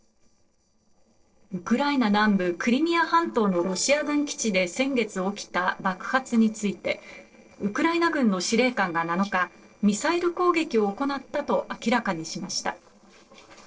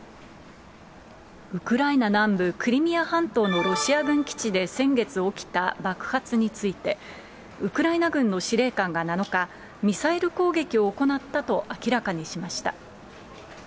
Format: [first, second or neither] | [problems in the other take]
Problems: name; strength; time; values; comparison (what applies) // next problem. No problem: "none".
second | noise reduction (neural separator model SepFormer DNS4)